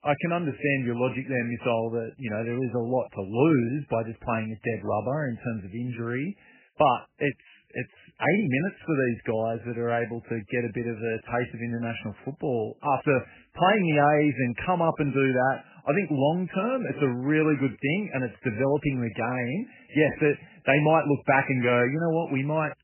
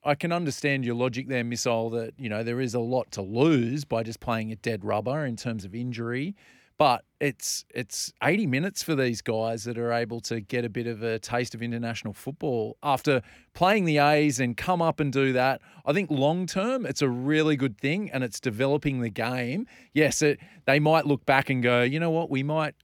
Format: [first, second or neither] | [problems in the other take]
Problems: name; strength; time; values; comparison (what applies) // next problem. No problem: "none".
second | garbled, watery; badly; nothing above 3 kHz